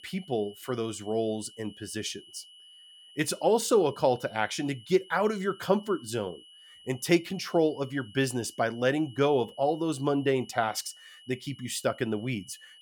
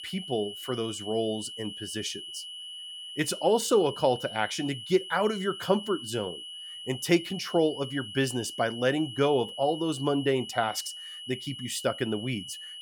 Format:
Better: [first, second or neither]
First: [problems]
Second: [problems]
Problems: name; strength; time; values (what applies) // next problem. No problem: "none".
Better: first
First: high-pitched whine; faint; throughout; 3 kHz, 20 dB below the speech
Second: high-pitched whine; loud; throughout; 3 kHz, 10 dB below the speech